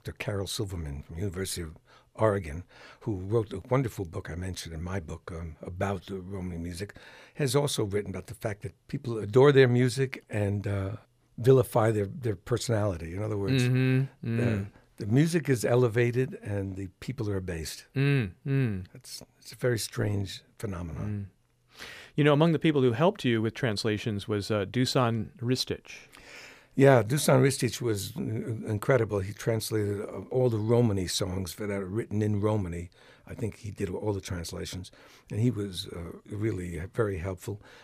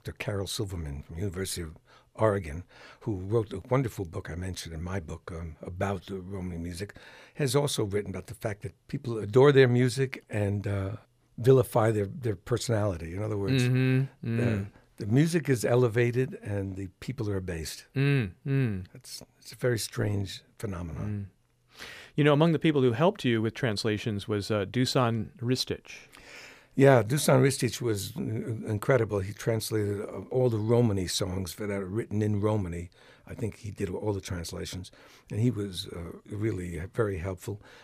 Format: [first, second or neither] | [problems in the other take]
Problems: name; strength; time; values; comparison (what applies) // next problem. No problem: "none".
neither | none